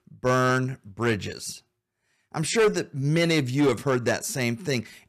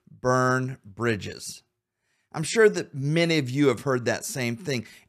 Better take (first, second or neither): second